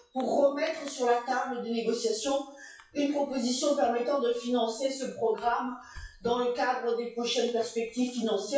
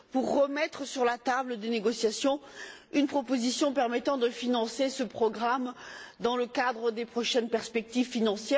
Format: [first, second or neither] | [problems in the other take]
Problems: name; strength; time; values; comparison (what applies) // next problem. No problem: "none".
second | noise reduction (classical method WPE with log-MMSE)